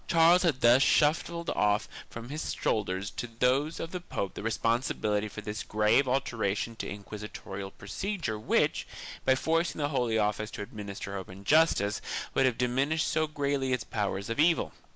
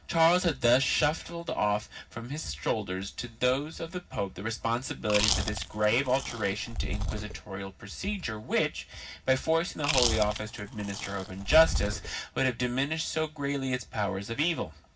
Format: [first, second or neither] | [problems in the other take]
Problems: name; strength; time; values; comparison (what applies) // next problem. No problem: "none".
first | background sound (Chewing, mastication); 3 dB below the speech // room echo; dies away in 0.4 s